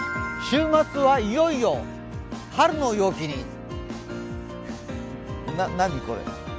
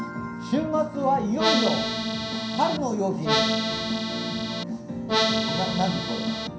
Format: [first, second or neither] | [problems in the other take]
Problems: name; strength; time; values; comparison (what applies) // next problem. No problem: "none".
first | background sound (Accordion); 2 dB above the speech // room echo; dies away in 0.6 s